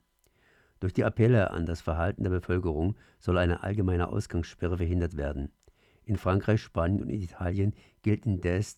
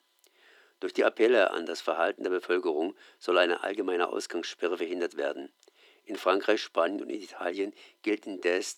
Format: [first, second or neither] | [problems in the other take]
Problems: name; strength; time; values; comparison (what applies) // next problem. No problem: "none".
first | thin; very; fading below 300 Hz